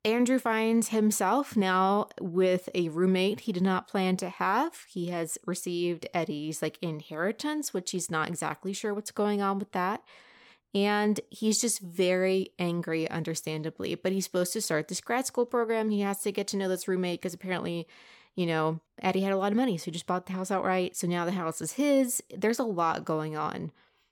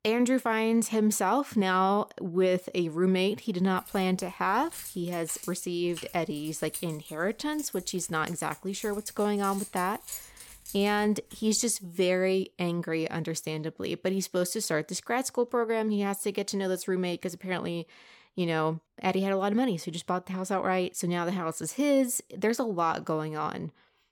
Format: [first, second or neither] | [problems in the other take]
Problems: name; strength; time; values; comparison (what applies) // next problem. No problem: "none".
first | jangling keys; noticeable; from 4 to 11 s; peak 10 dB below the speech